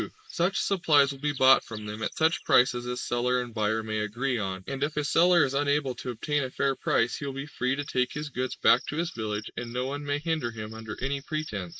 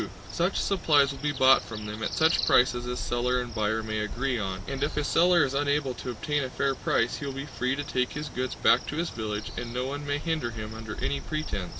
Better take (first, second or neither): second